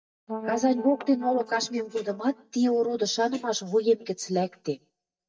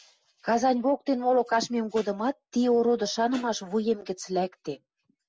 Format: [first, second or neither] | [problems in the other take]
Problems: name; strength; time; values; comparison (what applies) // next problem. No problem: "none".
second | noise reduction (neural mask model DeepFilterNet 3)